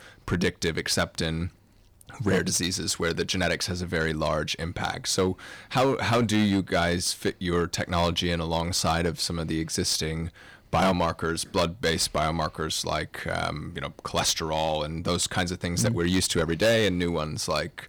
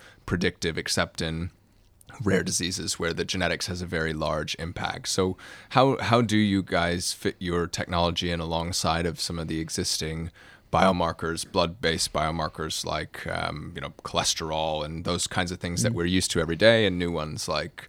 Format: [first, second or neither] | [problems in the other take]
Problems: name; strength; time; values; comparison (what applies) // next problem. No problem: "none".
second | distortion; slight; 5% of the sound clipped